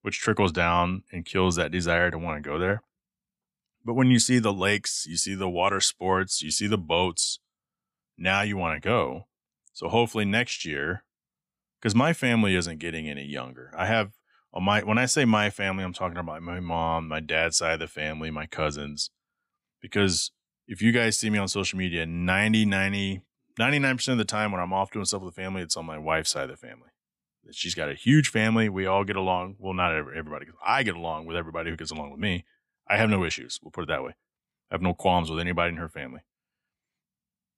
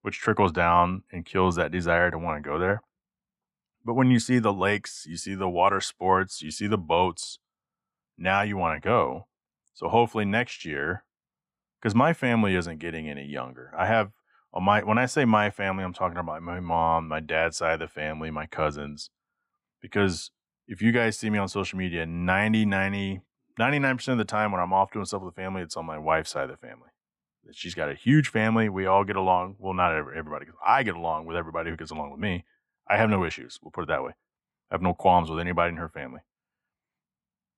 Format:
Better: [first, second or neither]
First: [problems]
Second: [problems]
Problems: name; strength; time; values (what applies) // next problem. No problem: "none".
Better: first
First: none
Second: muffled; slightly; fading above 3 kHz